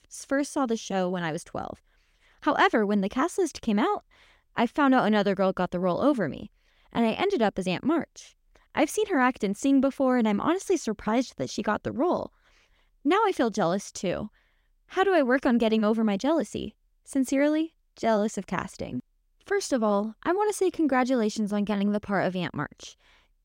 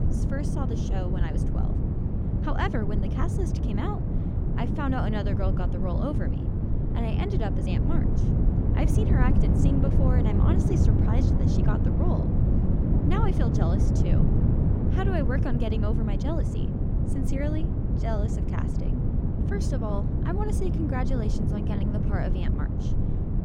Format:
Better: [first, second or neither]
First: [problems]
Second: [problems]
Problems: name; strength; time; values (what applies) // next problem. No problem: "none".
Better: first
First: none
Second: wind noise on the microphone; heavy; as loud as the speech